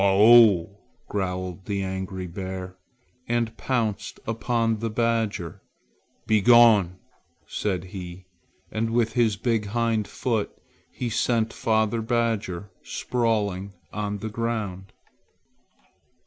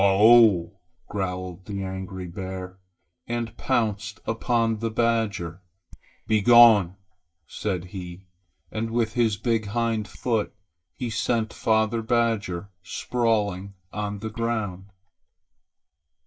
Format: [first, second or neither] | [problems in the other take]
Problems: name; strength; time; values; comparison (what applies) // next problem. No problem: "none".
first | noise reduction (neural mask model DeepFilterNet 3)